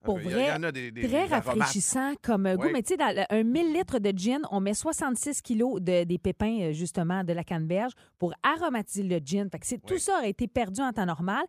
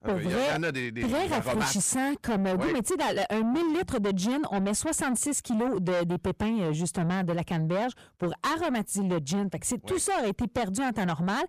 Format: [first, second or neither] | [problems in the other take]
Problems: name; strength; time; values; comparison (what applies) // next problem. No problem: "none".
first | distortion; heavy; 7 dB below the speech